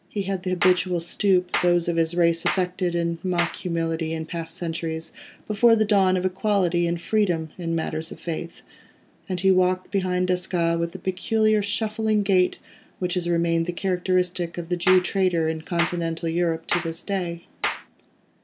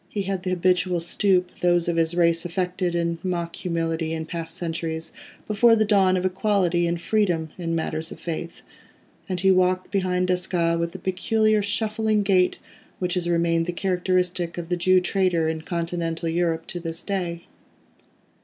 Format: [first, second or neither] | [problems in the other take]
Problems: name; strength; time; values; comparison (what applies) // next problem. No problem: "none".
second | background sound (Clapping); 10 dB below the speech